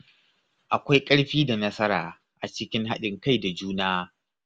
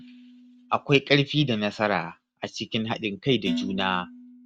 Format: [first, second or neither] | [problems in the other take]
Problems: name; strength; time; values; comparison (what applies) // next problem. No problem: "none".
first | noise reduction (neural mask model RNNoise)